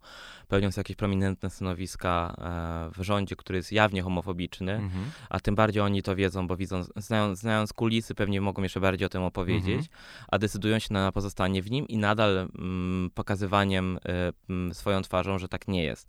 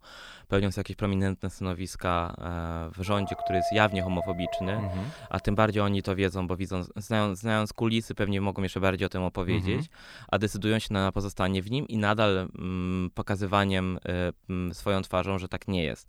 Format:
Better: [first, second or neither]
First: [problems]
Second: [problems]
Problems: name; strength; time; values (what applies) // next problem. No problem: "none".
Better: first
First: none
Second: dog barking; noticeable; from 3 to 5 s; peak level with the speech